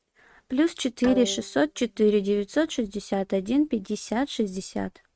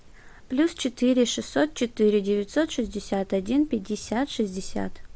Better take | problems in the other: second | noise reduction (neural mask model RNNoise)

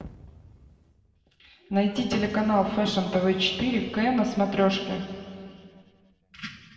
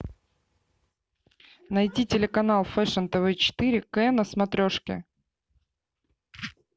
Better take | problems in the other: second | room echo; dies away in 2 s

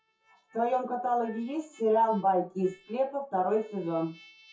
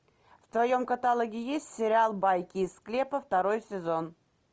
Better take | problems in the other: second | noise reduction (classical method WPE with log-MMSE)

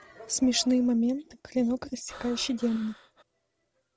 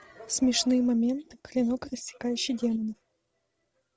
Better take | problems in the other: second | background sound (Breathing); 19 dB below the speech

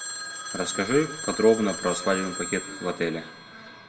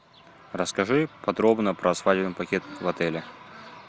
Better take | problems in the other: second | background sound (Telephone); 9 dB below the speech // room echo; dies away in 0.7 s

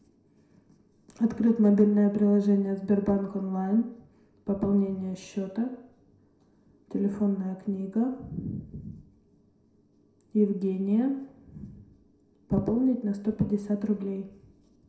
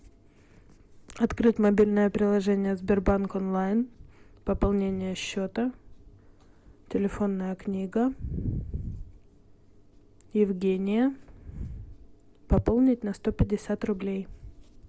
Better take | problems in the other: second | room echo; dies away in 0.5 s

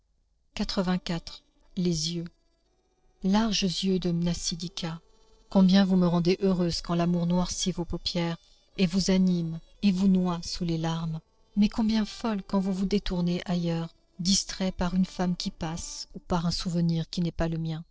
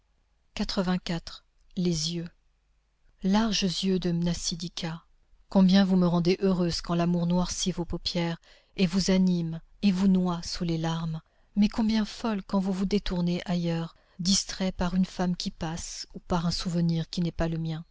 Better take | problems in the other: second | noise reduction (neural separator model SepFormer DNS4)

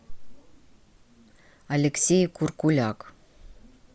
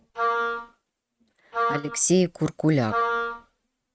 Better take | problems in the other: first | noise reduction (neural mask model RNNoise)

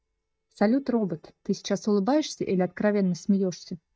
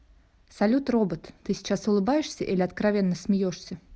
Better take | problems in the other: second | noise reduction (neural mask model DeepFilterNet 3)

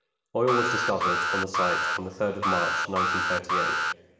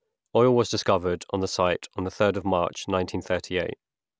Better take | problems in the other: second | background sound (Alarm); 3 dB above the speech // room echo; dies away in 1.4 s

